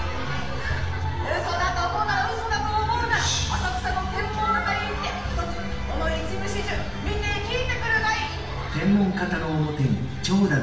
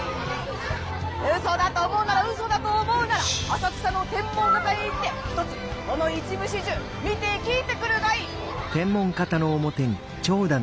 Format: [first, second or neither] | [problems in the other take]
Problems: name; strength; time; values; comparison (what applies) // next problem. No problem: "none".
second | room echo; dies away in 0.8 s